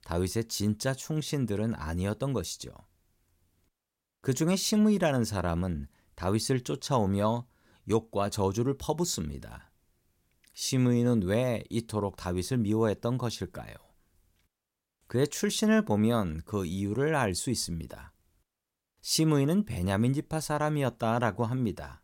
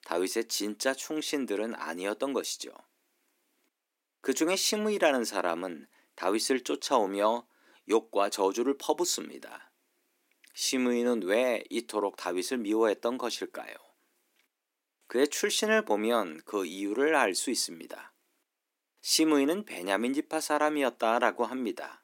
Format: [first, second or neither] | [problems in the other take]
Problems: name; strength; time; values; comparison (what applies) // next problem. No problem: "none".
first | thin; somewhat; fading below 250 Hz